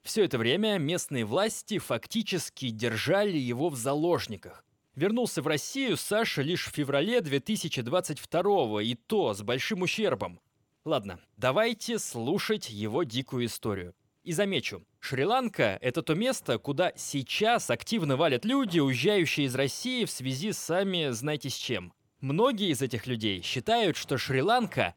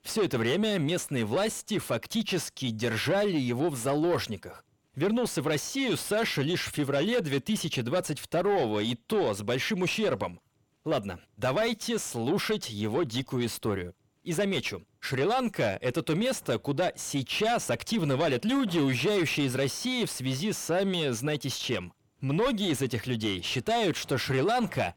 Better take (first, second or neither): first